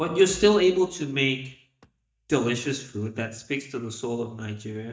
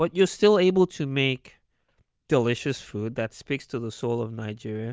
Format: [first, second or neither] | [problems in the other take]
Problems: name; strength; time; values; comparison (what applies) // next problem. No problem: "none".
second | noise reduction (neural mask model DeepFilterNet 3)